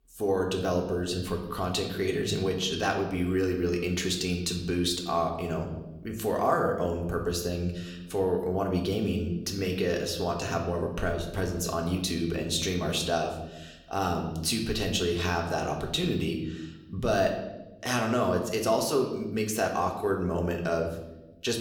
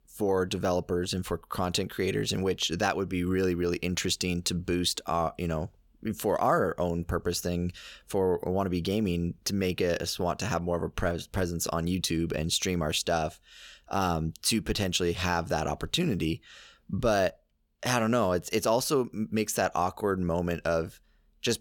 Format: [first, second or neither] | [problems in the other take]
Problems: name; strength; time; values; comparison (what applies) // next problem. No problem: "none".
second | room echo; slight; dies away in 0.8 s // off-mic speech; somewhat distant